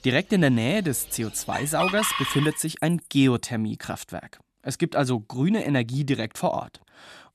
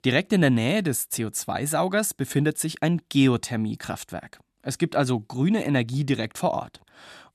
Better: second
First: animal sounds; loud; until 3.5 s; 5 dB below the speech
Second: none

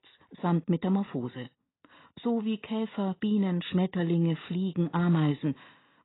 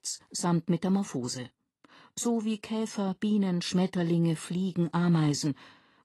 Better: second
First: garbled, watery; badly; nothing above 4 kHz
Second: garbled, watery; slightly; nothing above 12 kHz

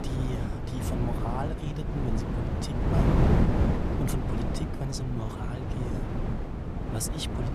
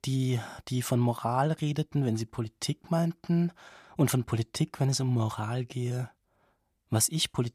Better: second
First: wind noise on the microphone; heavy; 4 dB above the speech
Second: none

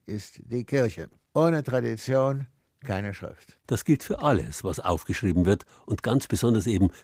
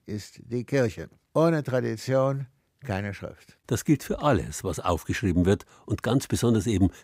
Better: second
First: garbled, watery; slightly; nothing above 15.5 kHz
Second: none

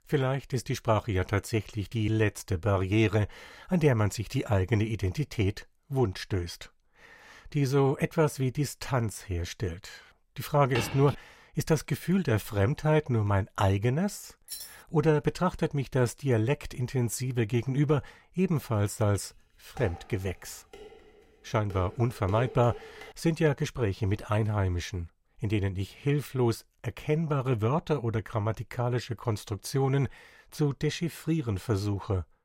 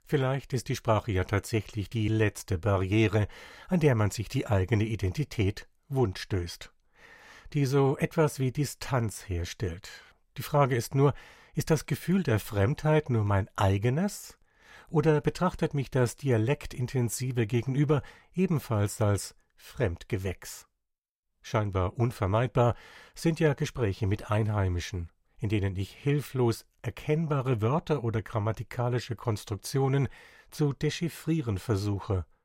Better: second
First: footsteps; noticeable; at 11 s; peak 6 dB below the speech // jangling keys; faint; at 14 s; peak 10 dB below the speech // clattering dishes; faint; from 20 to 23 s; peak 10 dB below the speech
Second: none

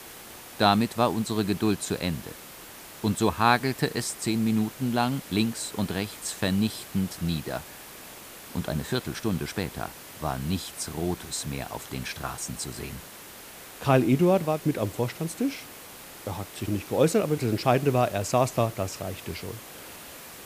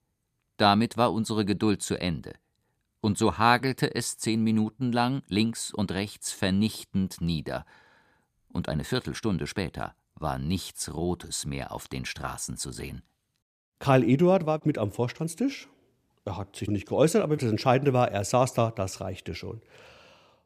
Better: second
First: hiss; noticeable; throughout; 15 dB below the speech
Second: none

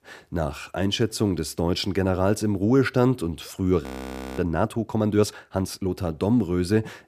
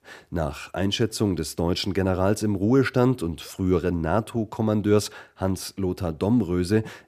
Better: second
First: audio freezing; at 4 s for 0.5 s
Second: none

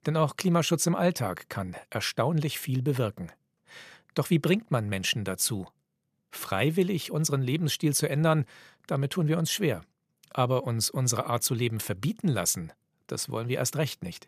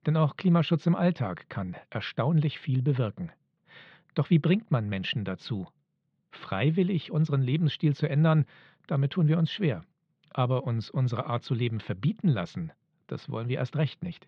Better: first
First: none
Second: muffled; very; fading above 4 kHz

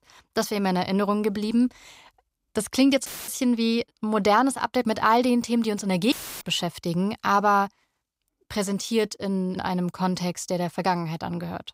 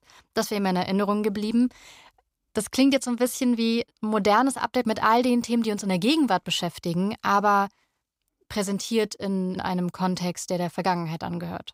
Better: second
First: audio cutting out; filled with static; at 3 s and at 6 s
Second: none

